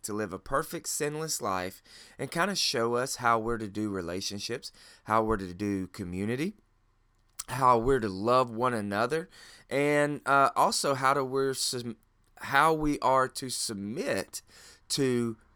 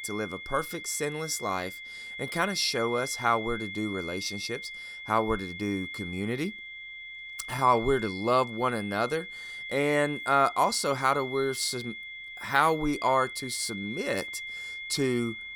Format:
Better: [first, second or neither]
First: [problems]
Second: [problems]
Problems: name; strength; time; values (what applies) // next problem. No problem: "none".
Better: first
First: none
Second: high-pitched whine; loud; throughout; 2 kHz, 9 dB below the speech